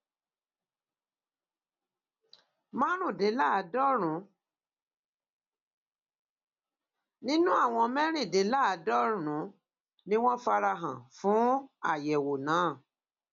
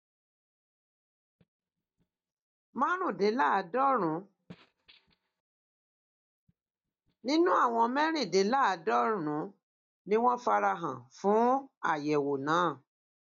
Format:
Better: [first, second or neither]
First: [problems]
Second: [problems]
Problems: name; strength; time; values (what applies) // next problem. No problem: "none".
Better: first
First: none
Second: noise reduction (neural mask model DeepFilterNet 3)